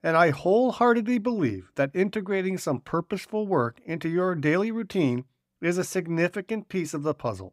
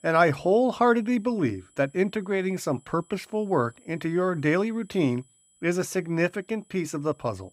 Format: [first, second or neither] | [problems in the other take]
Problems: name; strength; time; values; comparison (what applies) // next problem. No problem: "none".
first | high-pitched whine; faint; throughout; 7.5 kHz, 30 dB below the speech